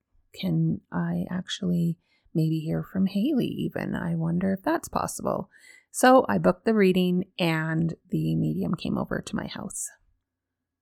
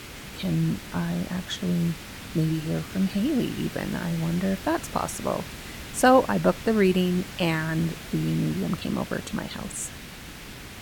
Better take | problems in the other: first | hiss; noticeable; throughout; 10 dB below the speech

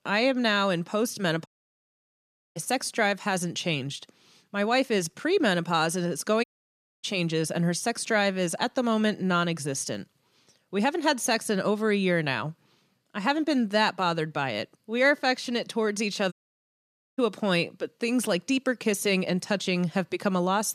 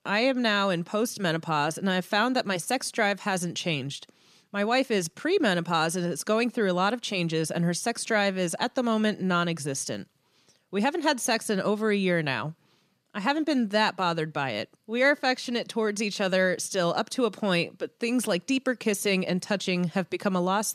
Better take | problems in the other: second | audio cutting out; at 1.5 s for 1 s, at 6.5 s for 0.5 s and at 16 s for 1 s

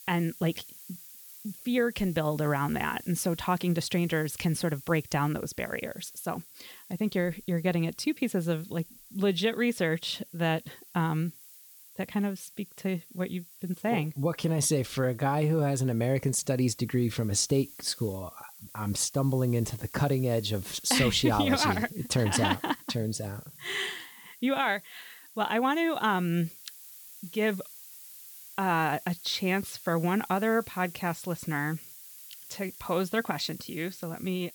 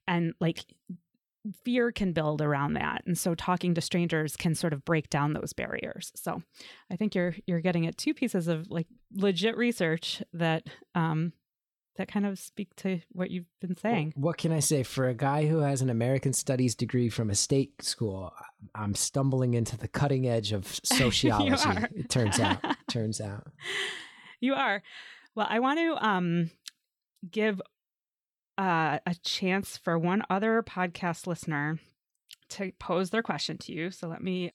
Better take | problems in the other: second | hiss; noticeable; throughout; 15 dB below the speech

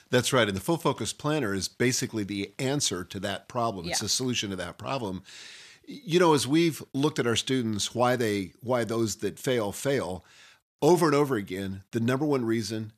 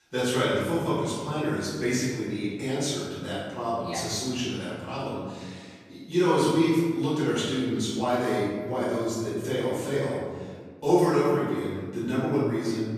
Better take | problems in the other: first | room echo; strong; dies away in 1.6 s // off-mic speech; far

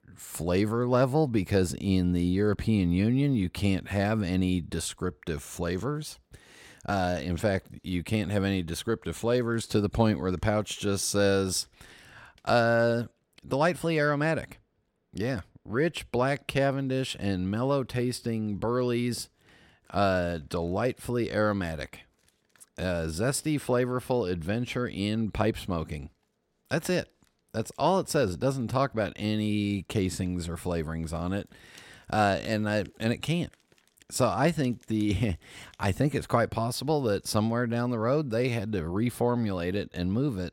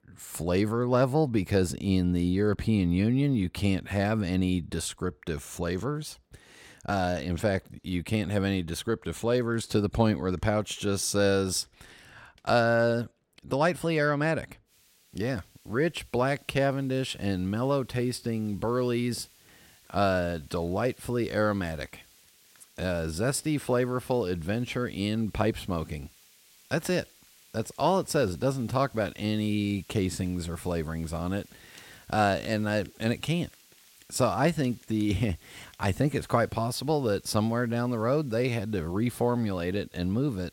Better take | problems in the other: first | hiss; faint; from 15 s on; 30 dB below the speech

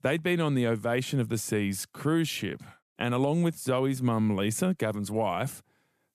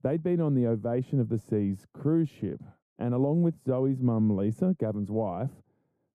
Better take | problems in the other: first | muffled; very; fading above 1 kHz

